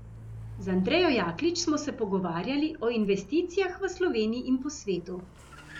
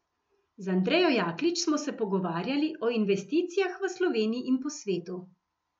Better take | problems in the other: second | background sound (Car); 18 dB below the speech

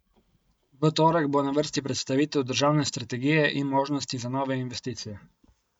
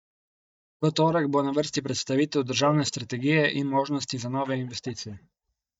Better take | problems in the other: first | noise reduction (neural mask model DeepFilterNet 3)

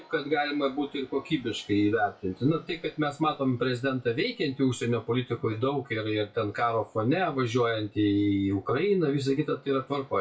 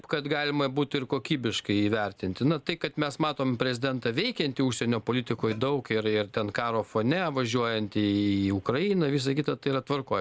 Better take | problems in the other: second | noise reduction (classical method WPE with log-MMSE)

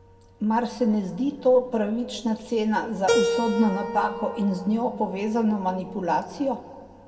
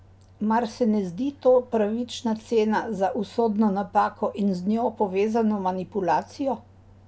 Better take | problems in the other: second | background sound (Keyboard (musical)); 8 dB below the speech // room echo; dies away in 1.6 s

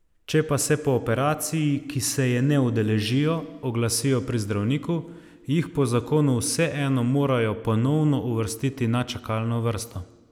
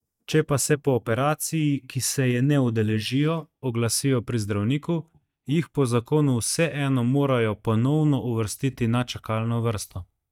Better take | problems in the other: first | noise reduction (neural mask model DeepFilterNet 3)

